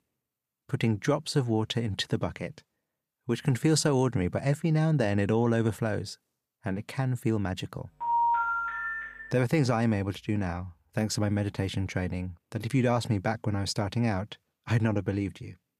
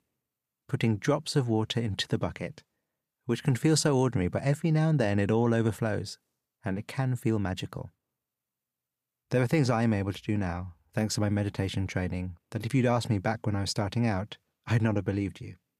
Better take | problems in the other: second | phone ringing; loud; from 8 to 9.5 s; peak 4 dB above the speech

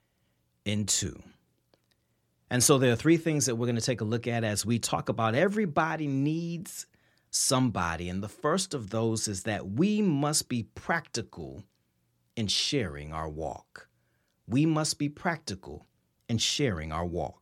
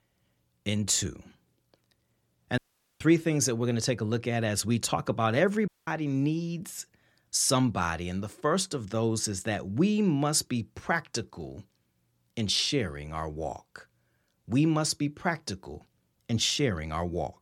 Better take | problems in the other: first | audio cutting out; at 2.5 s and at 5.5 s

